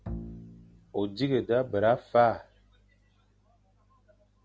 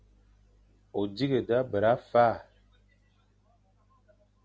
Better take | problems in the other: second | background sound (Bowed string instrument); 13 dB below the speech

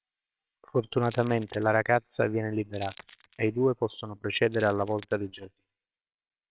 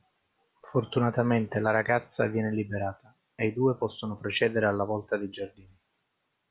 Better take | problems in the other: second | noise reduction (neural separator model SepFormer WHAMR!)

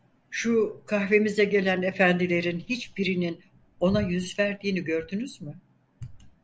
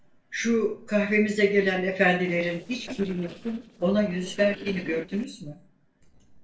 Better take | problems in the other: first | noise reduction (neural separator model SepFormer DNS4)

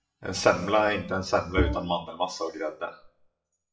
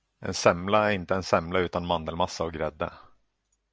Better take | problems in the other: second | noise reduction (classical method WPE with log-MMSE)

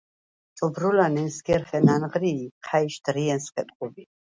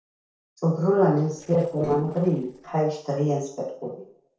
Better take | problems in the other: first | noise reduction (neural separator model SepFormer DNS4)

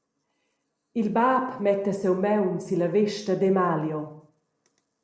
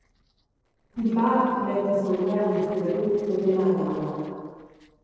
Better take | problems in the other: first | noise reduction (neural separator model SepFormer DNS4)

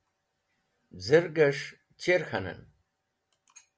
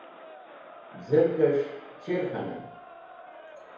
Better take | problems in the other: first | background sound (Crowd); 17 dB below the speech // room echo; dies away in 2 s

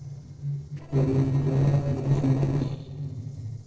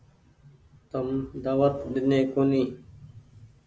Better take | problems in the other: second | noise reduction (neural separator model SepFormer DNS4)

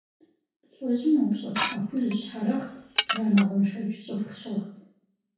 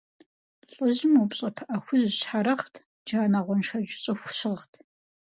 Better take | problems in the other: second | background sound (Dishes, pots, and pans / Glass); 5 dB below the speech // room echo; dies away in 0.6 s

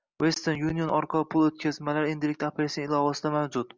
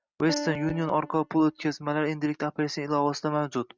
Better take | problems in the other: first | noise reduction (neural mask model RNNoise)

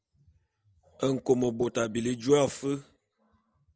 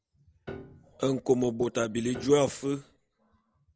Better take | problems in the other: first | background sound (Piano); 18 dB below the speech

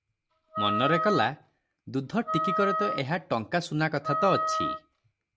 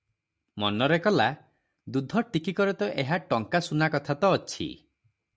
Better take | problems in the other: second | background sound (Wind instrument, woodwind instrument); 2 dB below the speech

